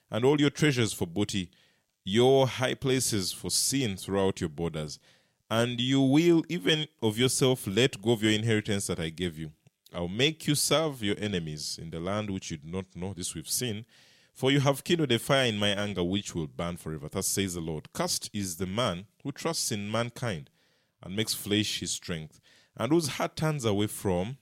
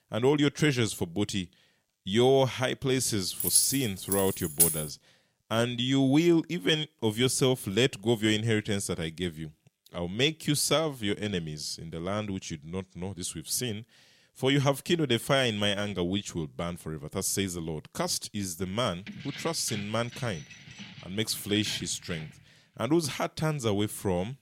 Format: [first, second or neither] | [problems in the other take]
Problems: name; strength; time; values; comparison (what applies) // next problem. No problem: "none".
first | jangling keys; loud; from 3.5 to 5 s; peak 5 dB above the speech // jangling keys; faint; from 19 to 22 s; peak 15 dB below the speech